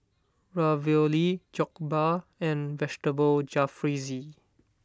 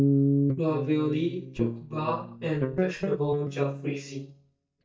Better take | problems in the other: first | noise reduction (neural mask model DeepFilterNet 3)

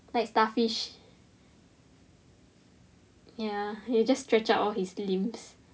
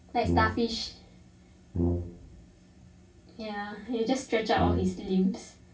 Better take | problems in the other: first | background sound (Brass instrument); 1 dB below the speech // room echo; dies away in 0.2 s

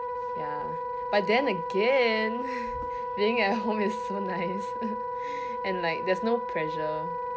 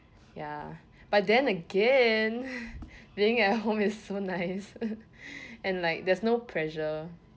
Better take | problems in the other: second | background sound (Wind instrument, woodwind instrument); 3 dB below the speech

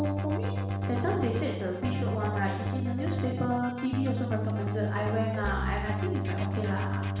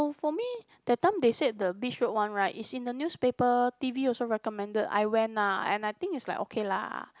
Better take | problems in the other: second | background sound (Keyboard (musical)); 1 dB above the speech // room echo; dies away in 1.1 s

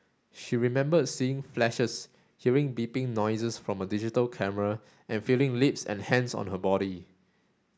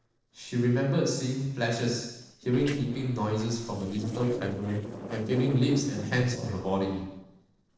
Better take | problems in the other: first | noise reduction (neural separator model SepFormer DNS4)

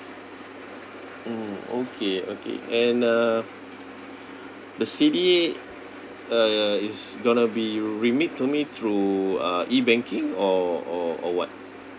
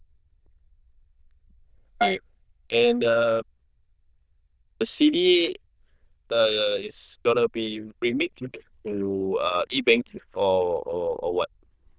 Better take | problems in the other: first | noise reduction (neural diffusion model UNIVERSE++)

